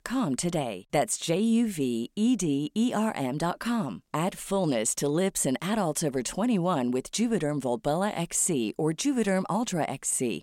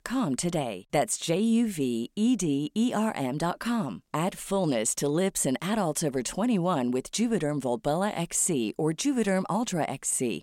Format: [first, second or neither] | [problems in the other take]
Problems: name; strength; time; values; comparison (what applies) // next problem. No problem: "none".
neither | none